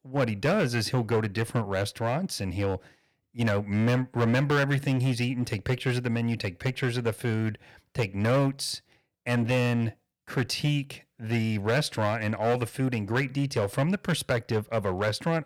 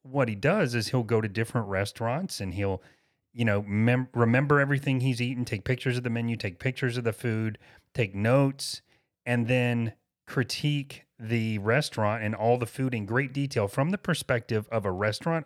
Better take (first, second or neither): second